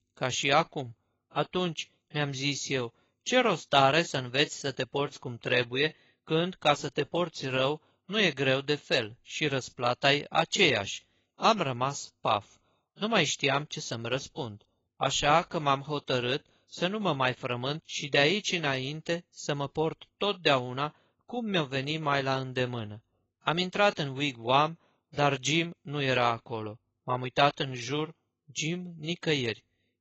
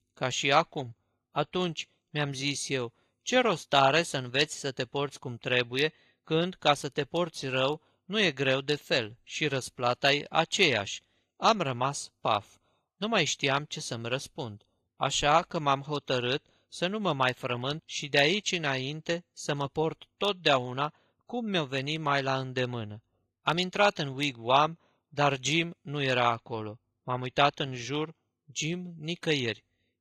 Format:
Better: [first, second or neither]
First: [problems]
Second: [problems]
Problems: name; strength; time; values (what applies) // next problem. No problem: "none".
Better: second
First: garbled, watery; badly; nothing above 7 kHz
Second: garbled, watery; slightly; nothing above 14.5 kHz